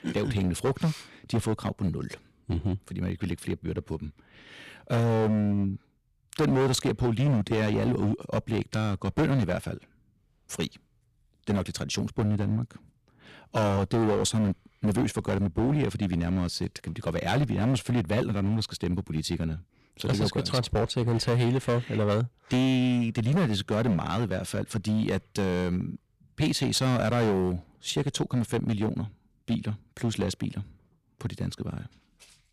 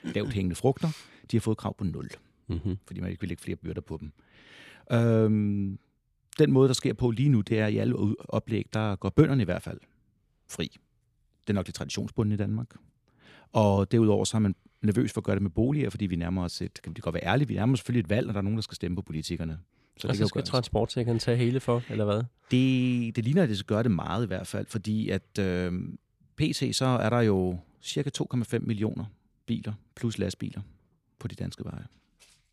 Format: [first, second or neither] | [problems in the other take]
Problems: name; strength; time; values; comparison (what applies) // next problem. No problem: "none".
second | distortion; heavy; 10% of the sound clipped